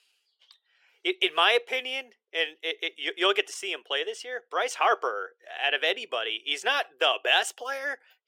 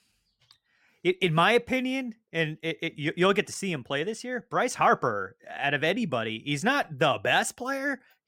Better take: second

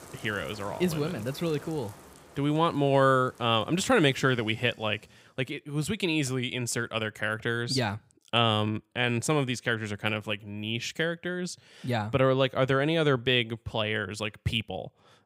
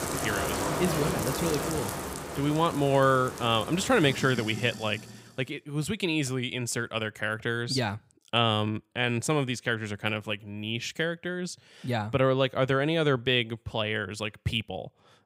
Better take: first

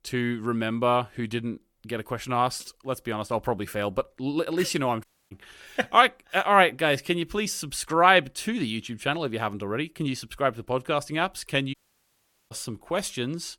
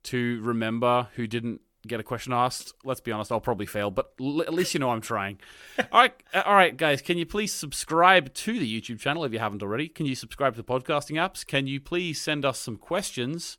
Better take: second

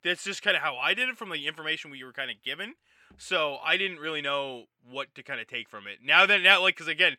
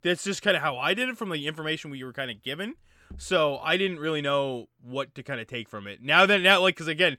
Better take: second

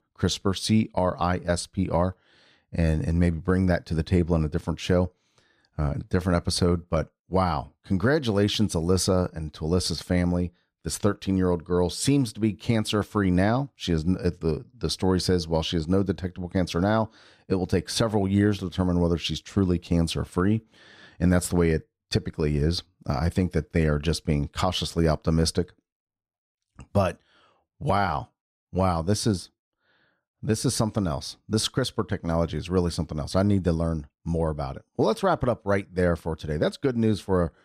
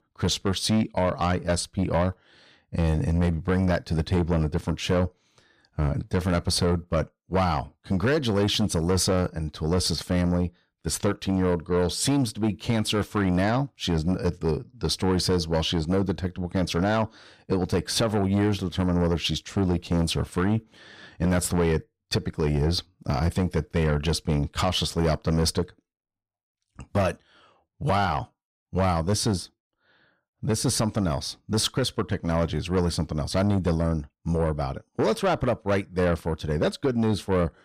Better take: first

